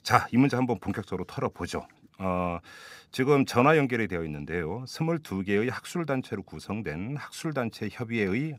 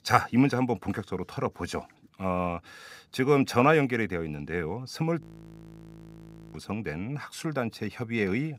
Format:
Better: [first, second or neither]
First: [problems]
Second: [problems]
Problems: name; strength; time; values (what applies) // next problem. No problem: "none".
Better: first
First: none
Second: audio freezing; at 5 s for 1.5 s